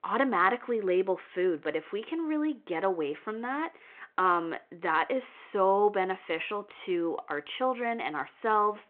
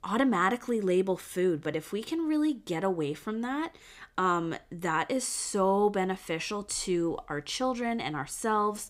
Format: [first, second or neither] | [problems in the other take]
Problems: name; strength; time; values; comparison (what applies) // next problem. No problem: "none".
second | phone-call audio